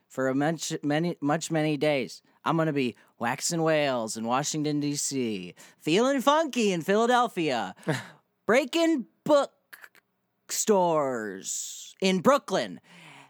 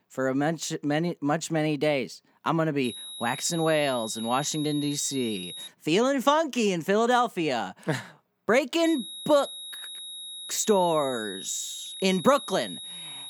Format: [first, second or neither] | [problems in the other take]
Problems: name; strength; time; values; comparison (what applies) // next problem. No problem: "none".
first | high-pitched whine; noticeable; from 3 to 5.5 s and from 9 s on; 4 kHz, 10 dB below the speech